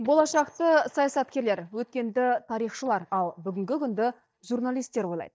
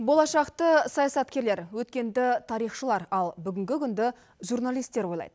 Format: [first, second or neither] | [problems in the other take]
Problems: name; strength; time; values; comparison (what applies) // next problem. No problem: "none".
second | noise reduction (neural mask model DeepFilterNet 3)